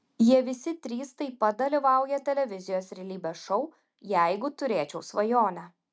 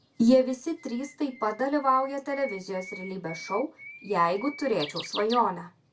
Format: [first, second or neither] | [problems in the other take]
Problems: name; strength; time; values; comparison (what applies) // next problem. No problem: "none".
first | background sound (Bird); 17 dB below the speech // room echo; dies away in 0.2 s